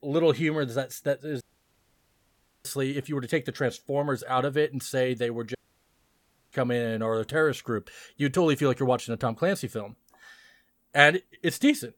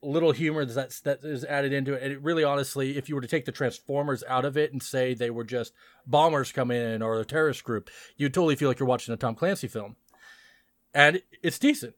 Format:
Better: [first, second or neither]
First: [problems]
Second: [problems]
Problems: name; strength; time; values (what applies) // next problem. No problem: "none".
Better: second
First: audio cutting out; at 1.5 s for 1 s and at 5.5 s for 1 s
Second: none